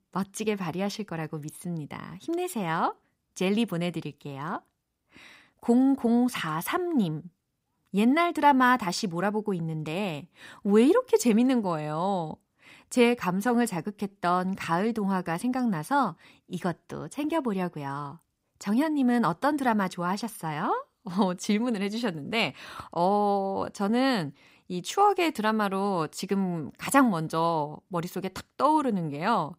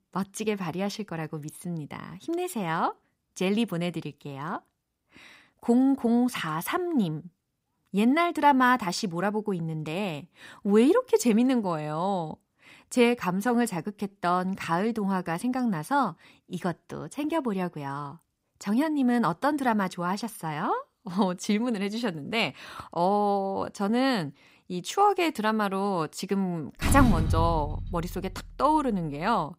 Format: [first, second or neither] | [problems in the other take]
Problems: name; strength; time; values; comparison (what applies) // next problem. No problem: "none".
first | door banging; loud; from 27 to 28 s; peak 1 dB above the speech